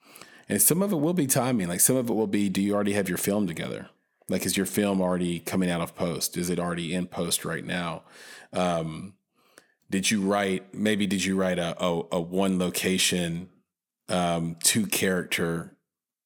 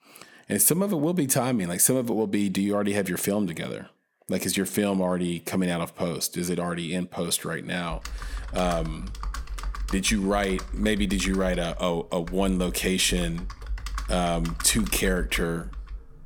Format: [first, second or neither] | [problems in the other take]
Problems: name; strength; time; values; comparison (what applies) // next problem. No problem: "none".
first | keyboard typing; noticeable; from 8 s on; peak 9 dB below the speech